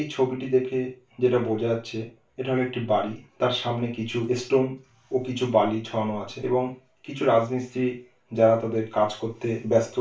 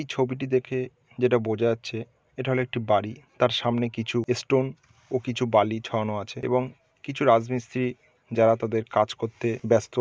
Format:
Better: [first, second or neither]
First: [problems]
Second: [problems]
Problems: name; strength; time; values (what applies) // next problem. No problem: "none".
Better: second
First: room echo; dies away in 0.3 s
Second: none